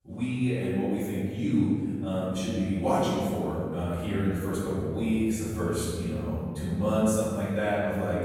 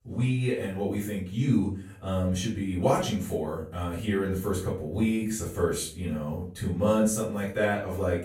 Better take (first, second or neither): second